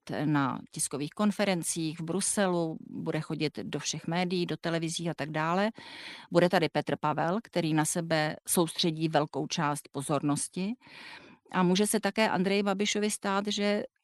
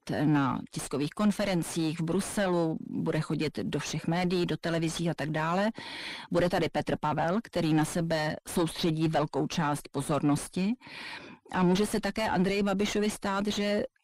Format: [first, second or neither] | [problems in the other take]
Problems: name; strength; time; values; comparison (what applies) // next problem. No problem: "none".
first | distortion; heavy; 5 dB below the speech